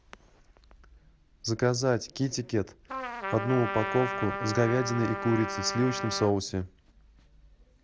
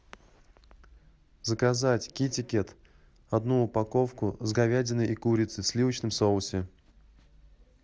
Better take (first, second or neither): second